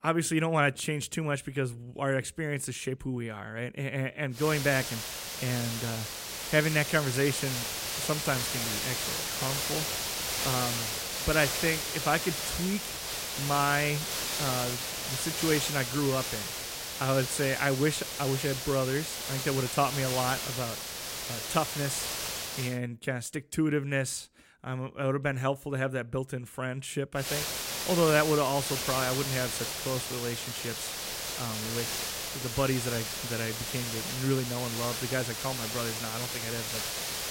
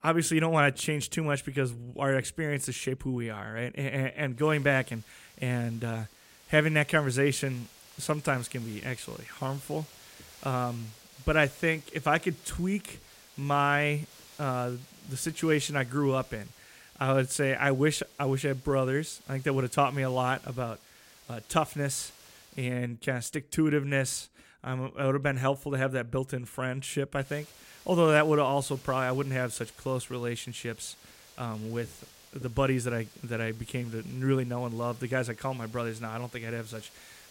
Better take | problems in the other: second | hiss; loud; from 4.5 to 23 s and from 27 s on; 1 dB below the speech; faint in the second

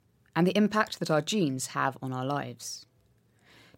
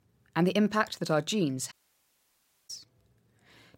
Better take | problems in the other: first | audio cutting out; at 1.5 s for 1 s

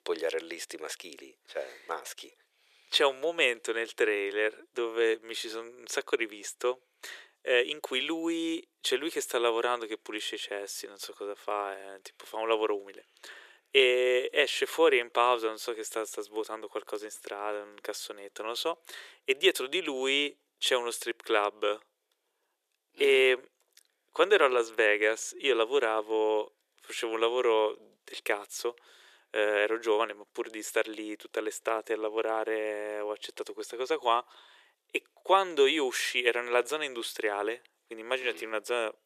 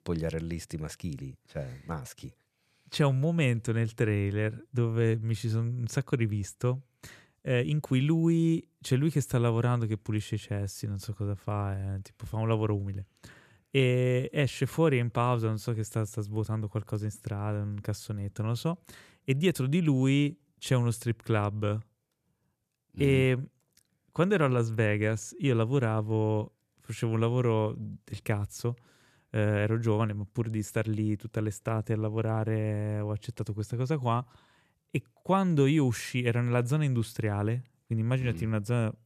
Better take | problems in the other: second | thin; very; fading below 400 Hz

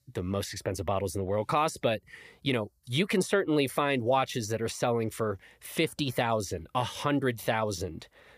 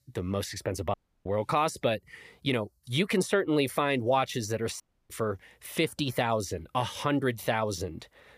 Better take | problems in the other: first | audio cutting out; at 1 s and at 5 s

